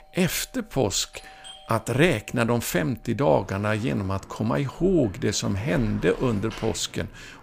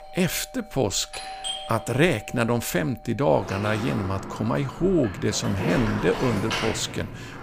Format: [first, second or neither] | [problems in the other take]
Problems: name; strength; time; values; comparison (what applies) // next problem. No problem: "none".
first | alarms or sirens; loud; throughout; 8 dB below the speech; faint in the first